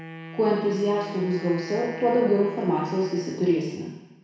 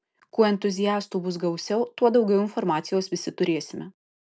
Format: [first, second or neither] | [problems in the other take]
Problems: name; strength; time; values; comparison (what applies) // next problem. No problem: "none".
second | background sound (Wind instrument, woodwind instrument); 15 dB below the speech // room echo; dies away in 1.1 s